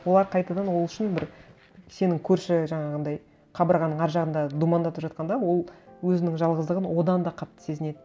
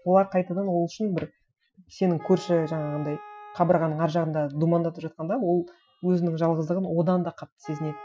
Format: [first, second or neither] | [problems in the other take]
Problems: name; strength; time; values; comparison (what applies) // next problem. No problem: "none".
first | noise reduction (classical method Wiener filter)